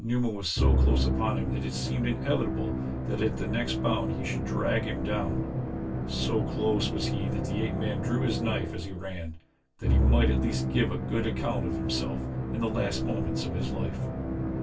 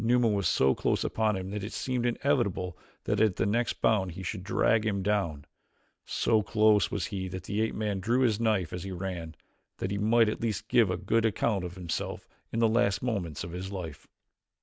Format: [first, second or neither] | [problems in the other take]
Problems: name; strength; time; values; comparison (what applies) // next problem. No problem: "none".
second | background sound (Musical instrument); 3 dB above the speech // room echo; dies away in 0.1 s